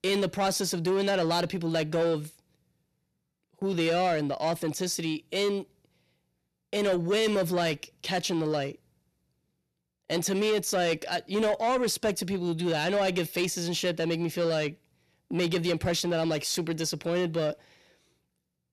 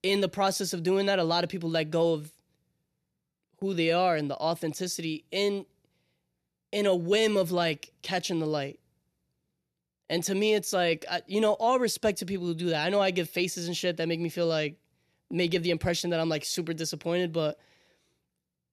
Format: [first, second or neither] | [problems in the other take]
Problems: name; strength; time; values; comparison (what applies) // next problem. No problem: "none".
second | distortion; slight; 10 dB below the speech